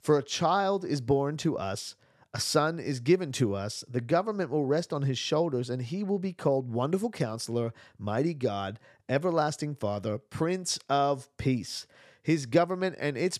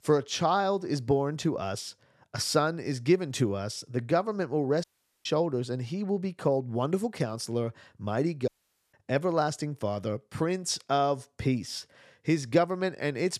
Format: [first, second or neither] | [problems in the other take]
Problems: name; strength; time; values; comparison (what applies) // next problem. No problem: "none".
first | audio cutting out; at 5 s and at 8.5 s